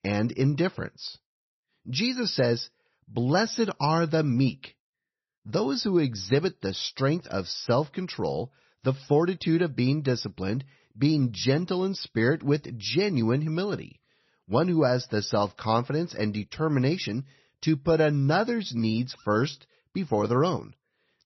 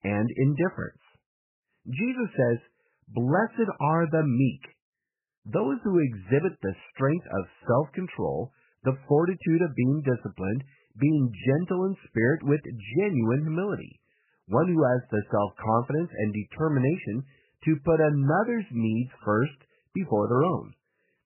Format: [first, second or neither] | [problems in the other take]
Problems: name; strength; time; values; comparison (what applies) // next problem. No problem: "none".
first | garbled, watery; badly; nothing above 2.5 kHz; slightly in the first